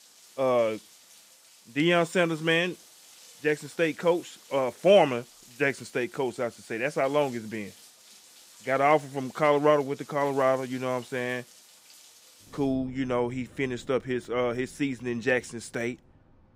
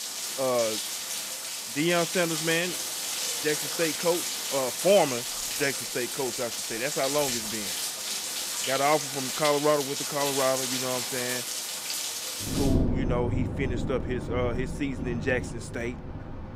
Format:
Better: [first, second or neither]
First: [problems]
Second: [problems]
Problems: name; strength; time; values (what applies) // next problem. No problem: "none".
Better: first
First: rain or running water; faint; throughout; 25 dB below the speech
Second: rain or running water; loud; throughout; 1 dB below the speech